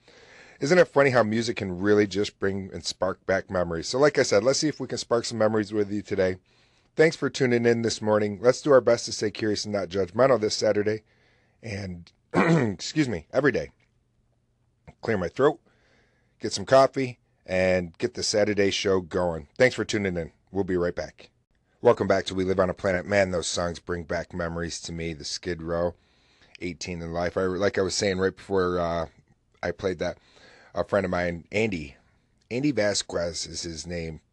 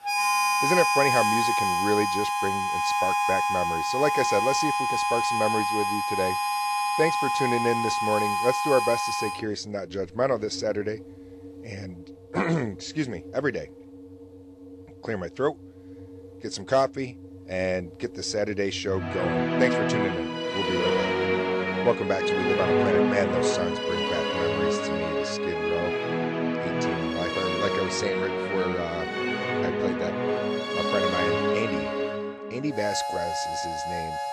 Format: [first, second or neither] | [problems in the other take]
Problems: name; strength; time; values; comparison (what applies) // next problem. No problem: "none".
first | background music; very loud; throughout; 3 dB above the speech